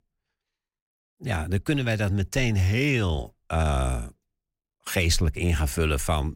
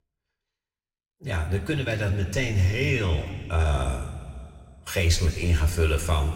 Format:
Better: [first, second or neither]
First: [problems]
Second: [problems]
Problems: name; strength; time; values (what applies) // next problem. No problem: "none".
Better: first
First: none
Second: room echo; slight; dies away in 2.1 s